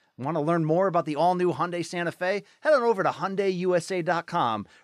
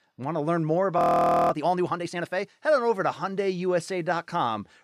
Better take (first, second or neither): first